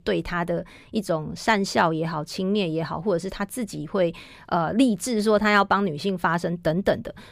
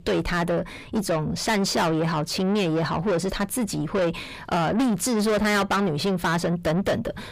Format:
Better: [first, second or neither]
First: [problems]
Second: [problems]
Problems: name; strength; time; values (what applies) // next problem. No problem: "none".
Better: first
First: none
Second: distortion; heavy; 6 dB below the speech